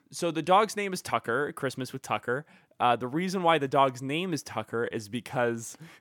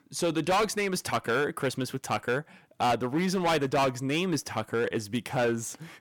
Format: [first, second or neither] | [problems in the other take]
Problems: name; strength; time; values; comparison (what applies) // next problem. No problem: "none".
first | distortion; heavy; 10% of the sound clipped